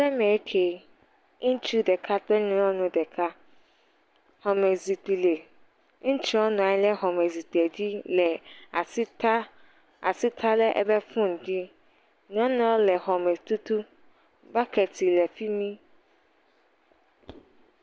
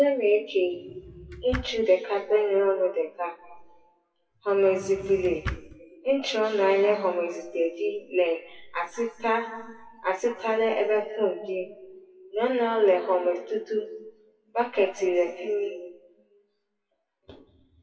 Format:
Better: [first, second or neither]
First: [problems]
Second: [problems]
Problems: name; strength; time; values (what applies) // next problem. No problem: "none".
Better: first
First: none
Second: noise reduction (classical method WPE with log-MMSE)